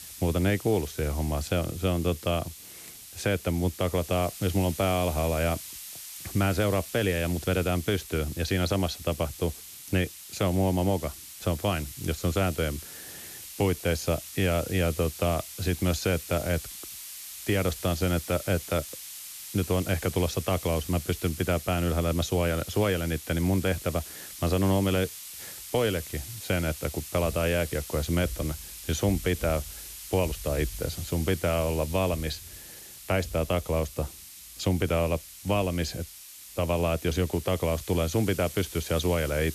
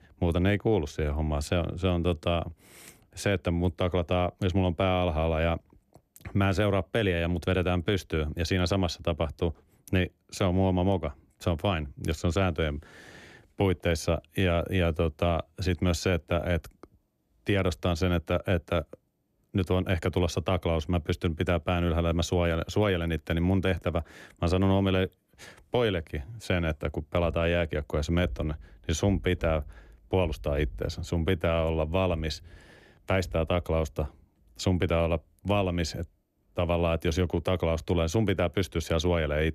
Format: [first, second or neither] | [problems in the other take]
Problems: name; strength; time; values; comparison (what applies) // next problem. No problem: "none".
second | hiss; noticeable; throughout; 10 dB below the speech